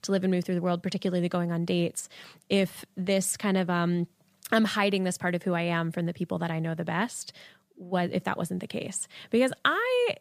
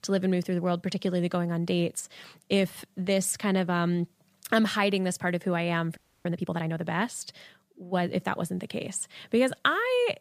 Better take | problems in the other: first | audio freezing; at 6 s

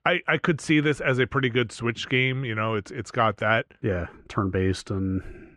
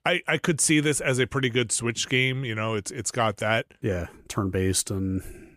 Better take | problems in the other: second | muffled; slightly; fading above 3 kHz

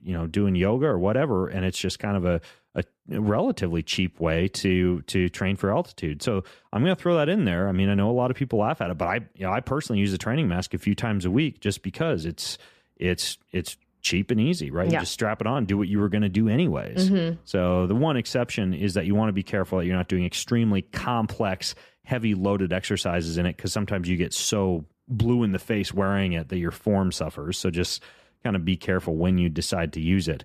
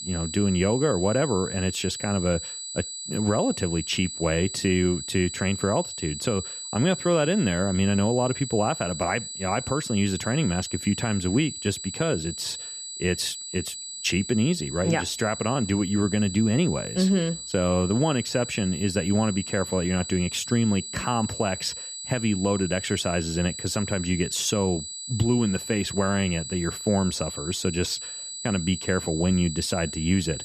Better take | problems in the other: first | high-pitched whine; loud; throughout; 8 kHz, 8 dB below the speech

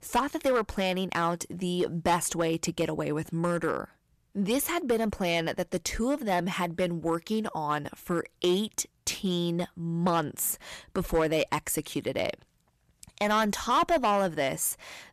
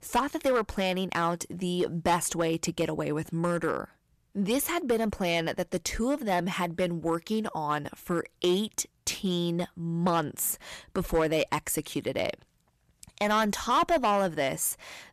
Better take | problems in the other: neither | distortion; slight; 4% of the sound clipped; the same in both

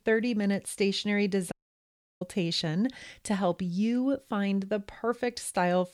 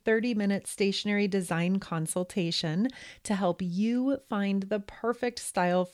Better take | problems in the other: second | audio cutting out; at 1.5 s for 0.5 s

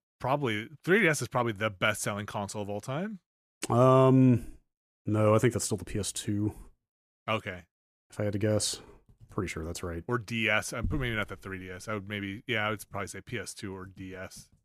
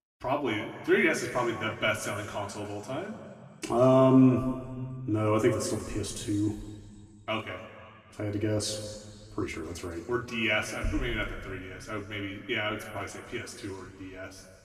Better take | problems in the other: first | room echo; noticeable; dies away in 1.9 s // off-mic speech; far

